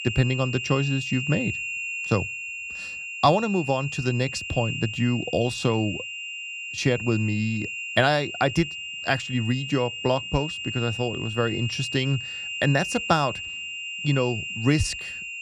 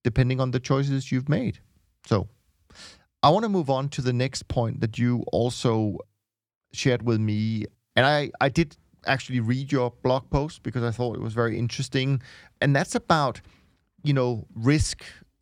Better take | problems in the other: second | high-pitched whine; loud; throughout; 3 kHz, 5 dB below the speech

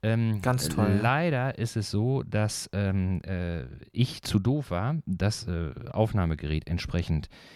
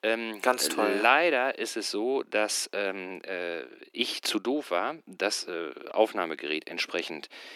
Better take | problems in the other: first | thin; very; fading below 300 Hz

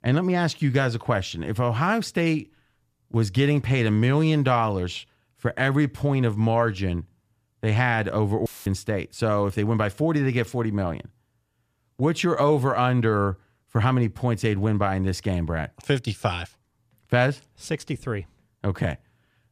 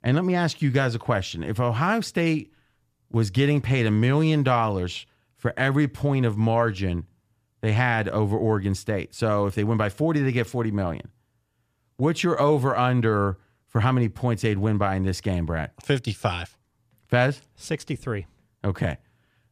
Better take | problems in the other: second | audio cutting out; filled with static; at 8.5 s

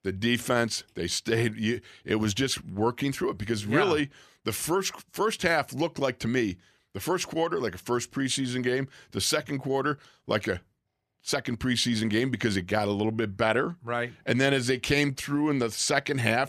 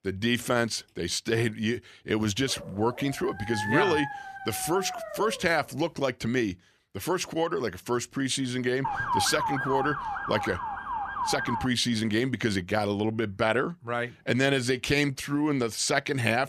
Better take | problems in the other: first | dog barking; noticeable; from 2.5 to 5.5 s; peak 2 dB below the speech // siren; loud; from 9 to 12 s; peak level with the speech

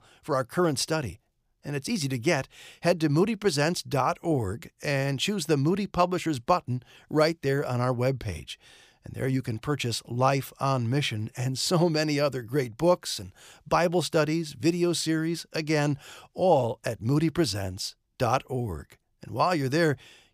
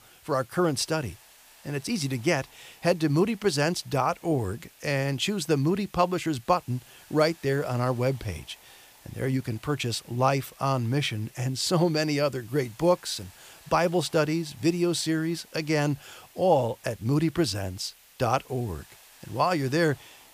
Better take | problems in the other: first | hiss; faint; throughout; 25 dB below the speech

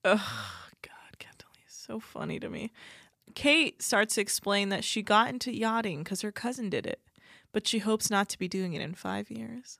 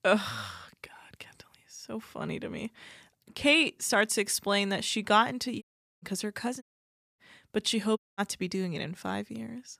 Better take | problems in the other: first | audio cutting out; at 5.5 s, at 6.5 s for 0.5 s and at 8 s

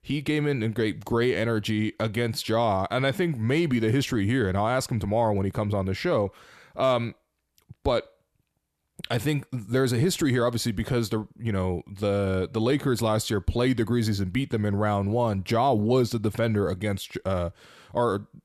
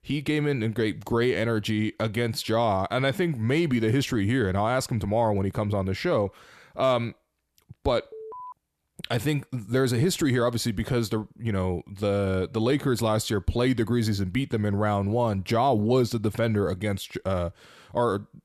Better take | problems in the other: first | alarm; faint; at 8 s; peak 15 dB below the speech

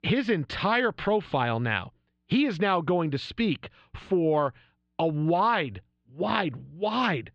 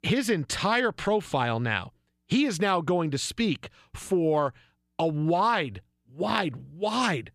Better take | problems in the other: second | muffled; slightly; fading above 4 kHz

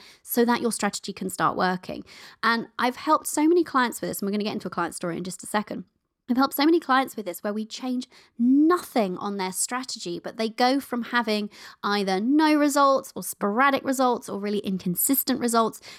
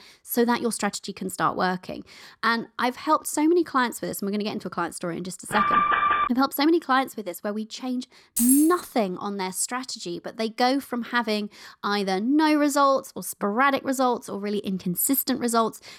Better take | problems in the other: first | alarm; loud; at 5.5 s; peak 5 dB above the speech // jangling keys; loud; at 8.5 s; peak 2 dB above the speech

